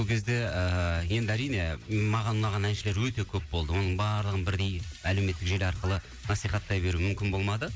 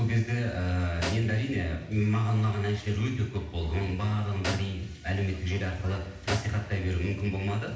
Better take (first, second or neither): first